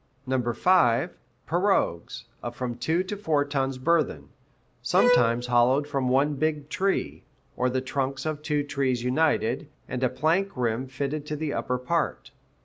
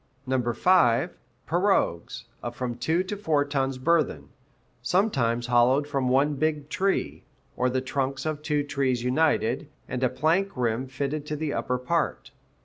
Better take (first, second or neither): second